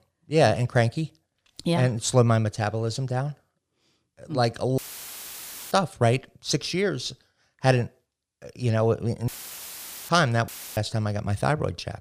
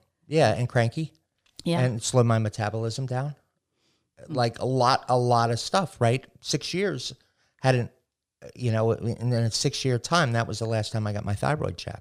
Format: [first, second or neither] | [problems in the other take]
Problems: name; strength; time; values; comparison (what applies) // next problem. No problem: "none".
second | audio cutting out; filled with static; at 5 s for 1 s, at 9.5 s for 1 s and at 10 s